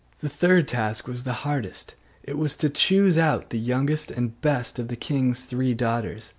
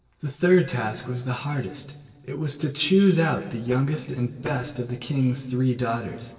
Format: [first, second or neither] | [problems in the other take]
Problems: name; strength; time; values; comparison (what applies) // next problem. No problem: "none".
first | noise reduction (neural separator model SepFormer DNS4)